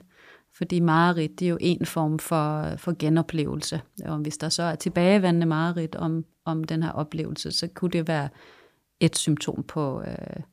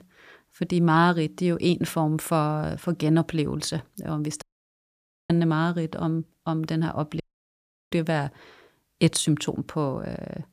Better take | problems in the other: first | audio cutting out; at 4.5 s for 1 s and at 7 s for 0.5 s

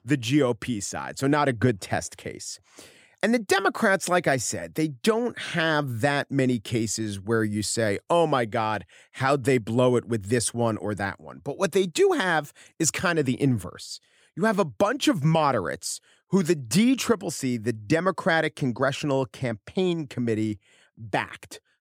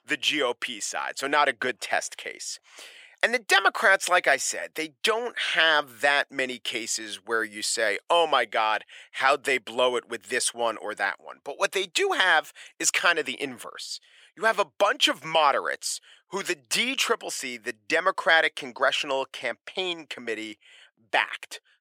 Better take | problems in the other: first | thin; very; fading below 650 Hz

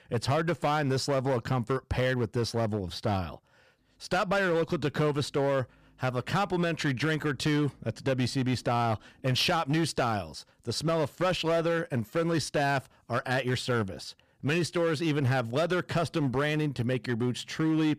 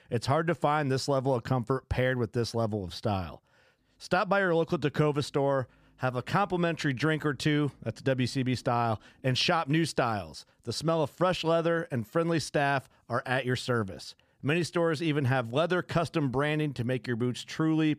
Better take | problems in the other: second | distortion; slight; 10% of the sound clipped

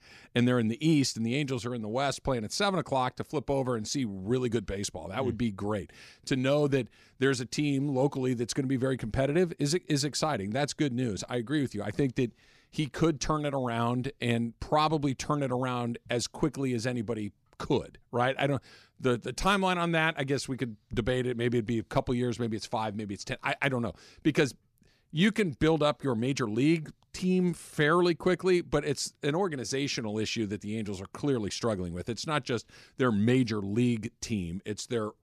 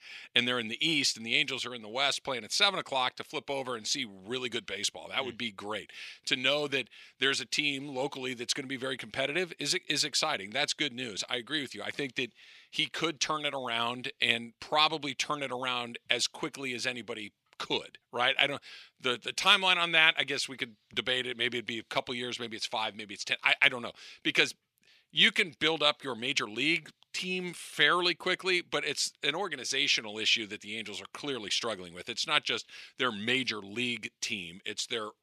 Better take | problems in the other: first | thin; somewhat; fading below 850 Hz

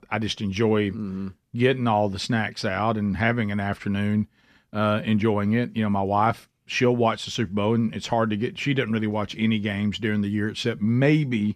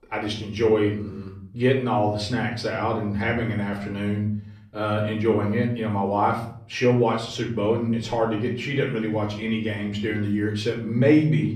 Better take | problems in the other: first | off-mic speech; far // room echo; slight; dies away in 0.5 s

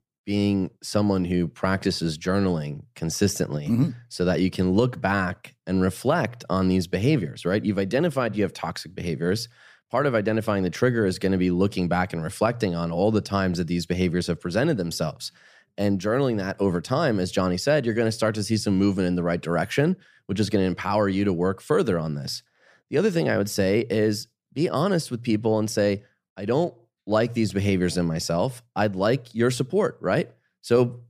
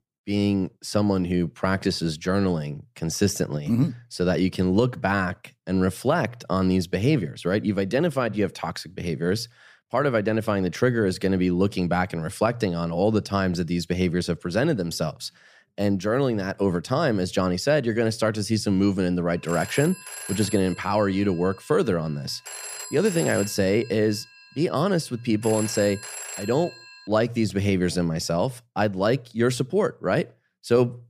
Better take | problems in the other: first | phone ringing; noticeable; from 19 to 27 s; peak 7 dB below the speech

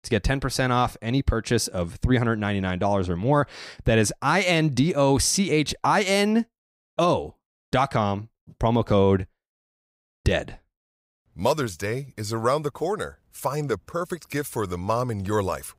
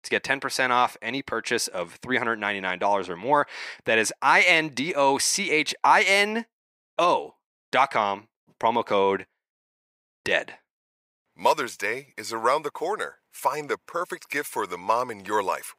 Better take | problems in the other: first | thin; somewhat; fading below 350 Hz

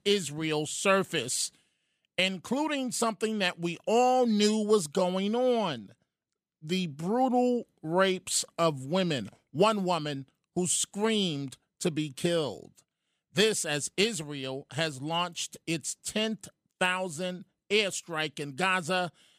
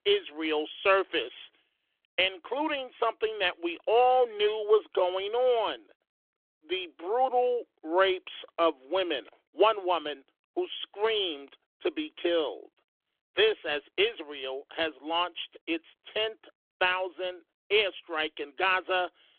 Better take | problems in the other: first | phone-call audio; nothing above 3.5 kHz

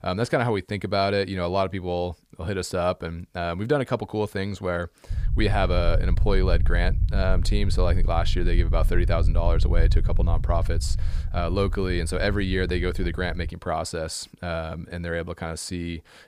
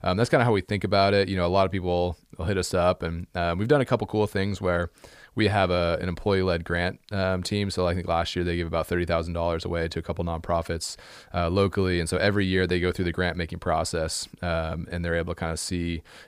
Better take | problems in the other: second | low rumble; noticeable; from 5 to 13 s; 15 dB below the speech

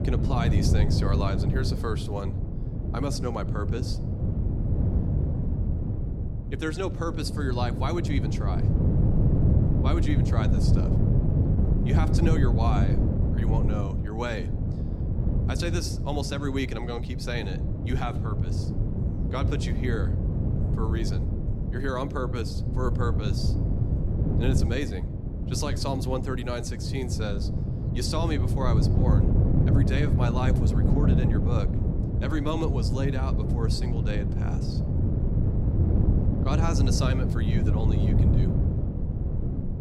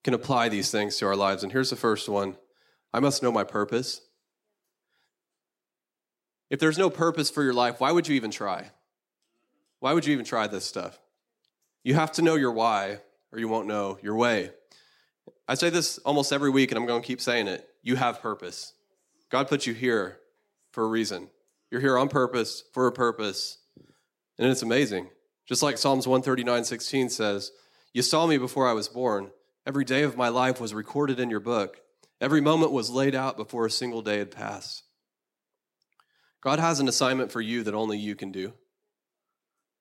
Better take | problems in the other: second | wind noise on the microphone; heavy; 3 dB below the speech

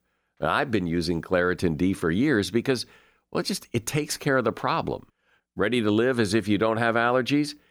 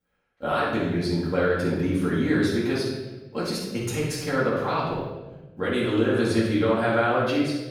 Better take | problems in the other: first | room echo; strong; dies away in 1 s // off-mic speech; far

